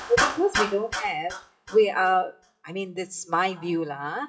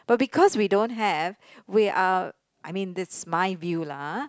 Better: second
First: noise reduction (classical method WPE with log-MMSE)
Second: none

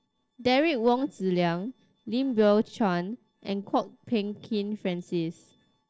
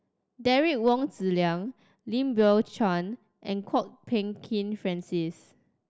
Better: second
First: noise reduction (neural separator model SepFormer DNS4)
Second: none

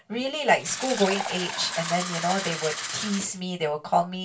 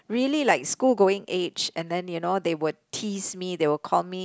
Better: second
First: background sound (Fill (with liquid)); 6 dB below the speech // room echo; dies away in 0.2 s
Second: none

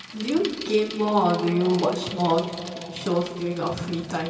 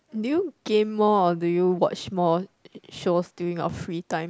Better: second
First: background sound (Bicycle); 16 dB below the speech // room echo; dies away in 2.5 s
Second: none

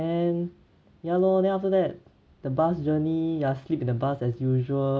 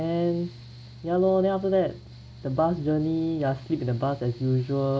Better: first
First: none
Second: background sound (Mechanical fan); 18 dB below the speech

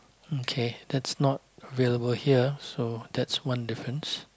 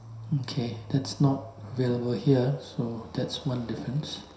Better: first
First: none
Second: background sound (Motorcycle); 16 dB below the speech // room echo; dies away in 0.7 s

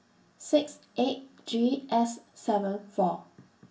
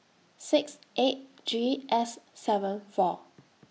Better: second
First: room echo; dies away in 0.2 s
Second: none

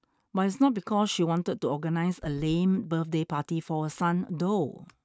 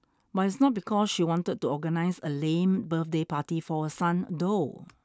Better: second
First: noise reduction (neural mask model RNNoise)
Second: none

